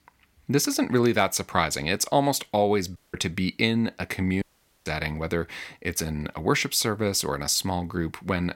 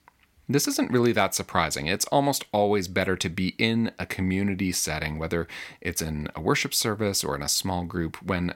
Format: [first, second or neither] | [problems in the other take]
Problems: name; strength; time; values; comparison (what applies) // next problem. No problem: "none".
second | audio cutting out; at 3 s and at 4.5 s